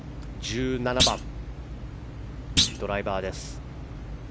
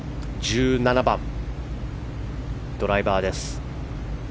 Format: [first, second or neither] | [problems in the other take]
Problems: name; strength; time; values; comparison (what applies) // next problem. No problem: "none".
second | background sound (Thump, thud); 2 dB above the speech